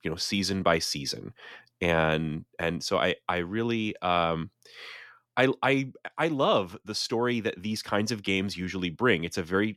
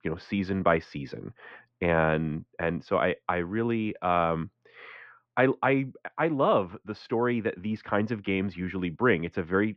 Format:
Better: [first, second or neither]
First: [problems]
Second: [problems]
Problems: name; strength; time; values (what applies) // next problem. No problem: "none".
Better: first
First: none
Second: muffled; very; fading above 2 kHz